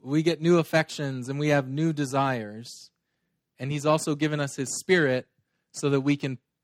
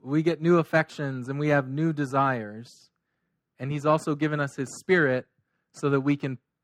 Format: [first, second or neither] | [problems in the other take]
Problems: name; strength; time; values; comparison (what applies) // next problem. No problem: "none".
first | muffled; slightly; fading above 2.5 kHz